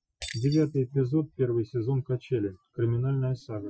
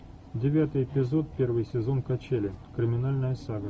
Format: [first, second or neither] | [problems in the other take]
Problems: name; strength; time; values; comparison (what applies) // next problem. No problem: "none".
second | noise reduction (classical method Wiener filter)